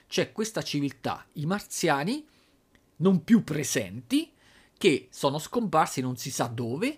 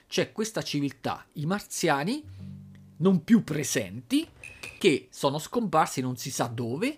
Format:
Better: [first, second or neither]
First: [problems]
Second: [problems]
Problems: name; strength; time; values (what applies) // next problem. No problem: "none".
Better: first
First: none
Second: phone ringing; faint; at 2 s; peak 15 dB below the speech // keyboard typing; faint; at 4 s; peak 15 dB below the speech